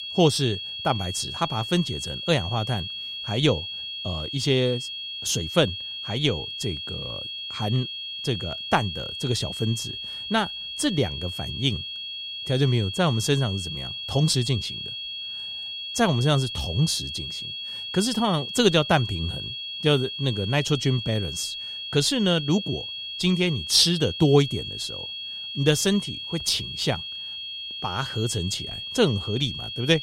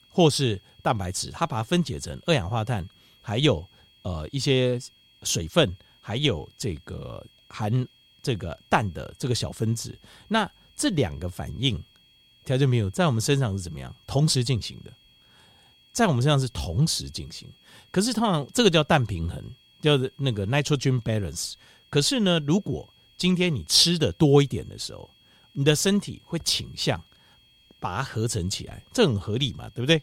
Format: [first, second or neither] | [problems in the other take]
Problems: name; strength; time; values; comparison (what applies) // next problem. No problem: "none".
second | high-pitched whine; loud; throughout; 3.5 kHz, 6 dB below the speech; faint in the second